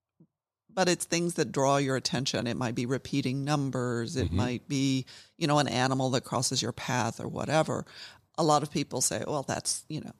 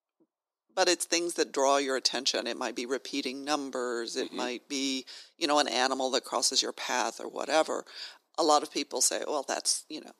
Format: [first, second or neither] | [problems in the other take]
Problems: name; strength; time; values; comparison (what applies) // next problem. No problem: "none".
first | thin; somewhat; fading below 300 Hz